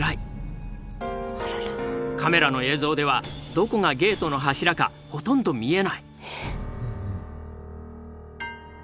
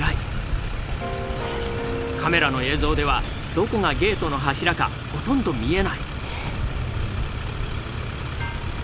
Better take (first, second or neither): first